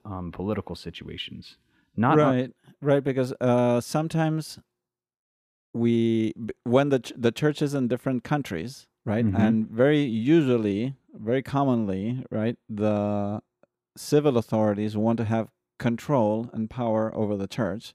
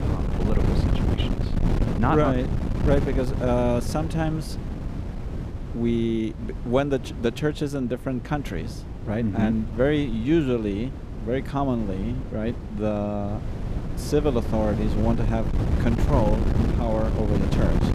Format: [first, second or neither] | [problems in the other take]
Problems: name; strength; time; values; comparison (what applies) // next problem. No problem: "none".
first | wind noise on the microphone; heavy; 8 dB below the speech